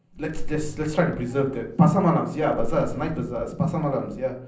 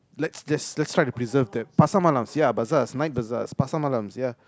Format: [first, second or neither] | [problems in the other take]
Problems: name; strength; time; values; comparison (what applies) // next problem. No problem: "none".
second | background sound (Car); 9 dB below the speech // room echo; dies away in 0.6 s